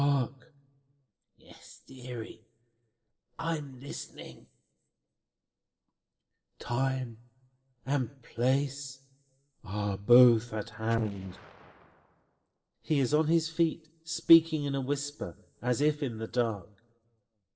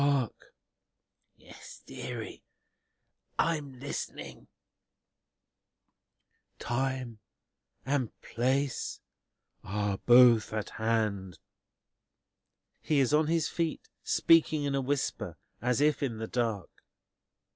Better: second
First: noise reduction (neural separator model SepFormer DNS4)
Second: none

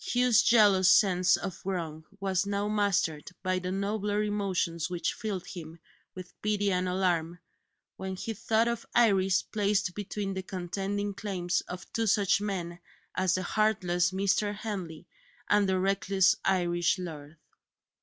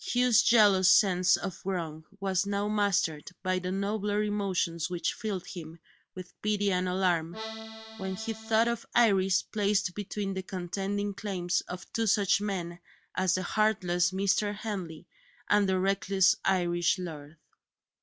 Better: first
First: none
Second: background sound (Accordion); 12 dB below the speech

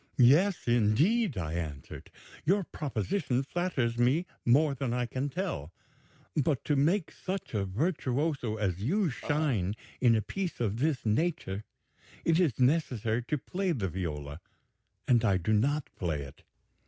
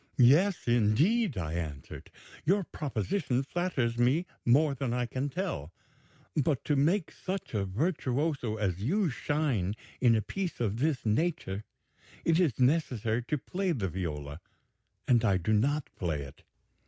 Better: second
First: background sound (Burping, eructation); 16 dB below the speech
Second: none

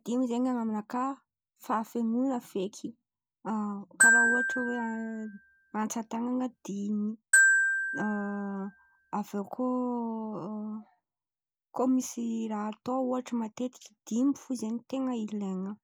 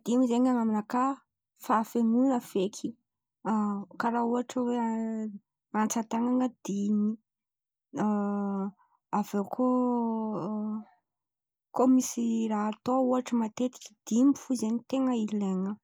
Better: second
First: background sound (Glockenspiel); 3 dB above the speech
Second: none

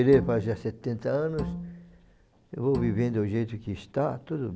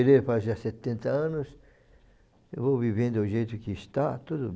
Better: second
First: background sound (Bowed string instrument); 11 dB below the speech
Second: none

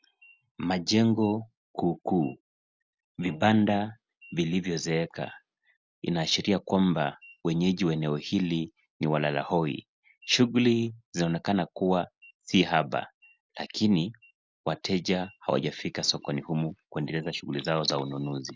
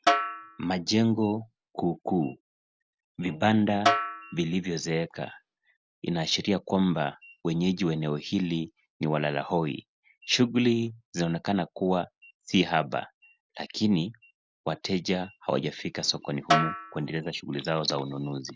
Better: first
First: none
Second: background sound (Snare drum); 3 dB below the speech

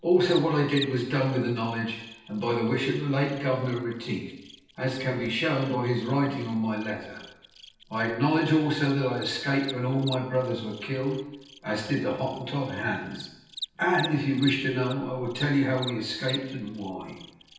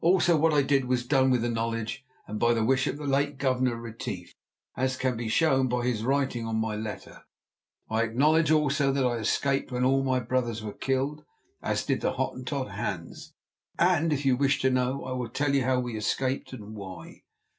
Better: second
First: background sound (Cricket); 17 dB below the speech // room echo; dies away in 0.9 s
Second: none

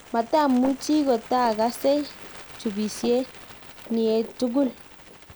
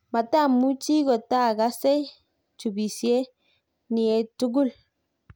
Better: second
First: background sound (Bird + Run); 17 dB below the speech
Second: none

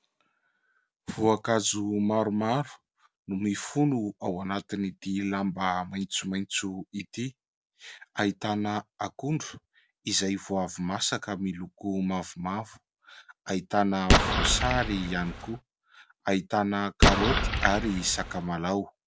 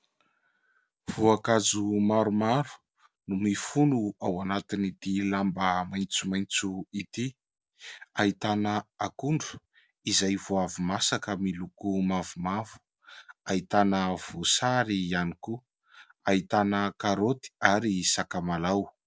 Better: second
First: background sound (Explosion); 4 dB above the speech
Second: none

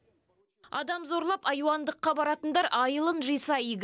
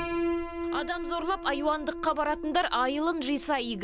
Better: first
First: none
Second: background sound (Piano); 5 dB below the speech

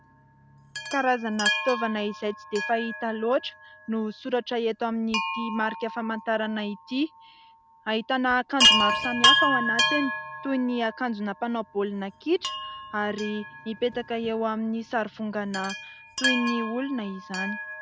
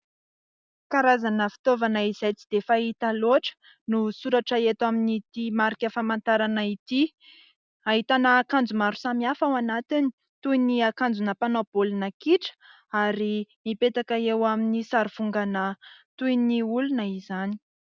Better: second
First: background sound (Chime); 1 dB below the speech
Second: none

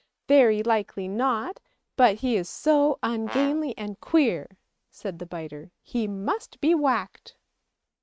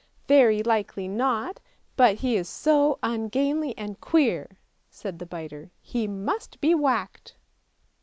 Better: second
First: noise reduction (neural mask model RNNoise)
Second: none

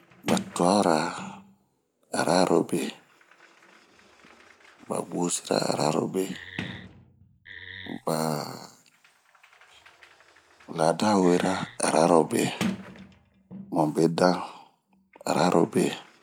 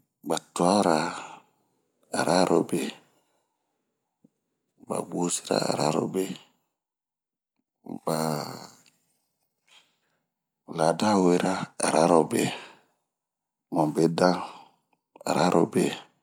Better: second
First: background sound (Wood + Sliding door); 14 dB below the speech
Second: none

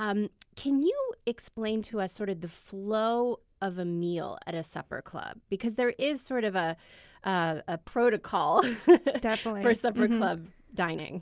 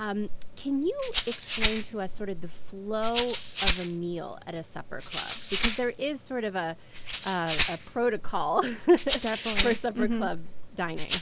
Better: first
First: none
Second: background sound (Rattle (instrument)); 1 dB below the speech

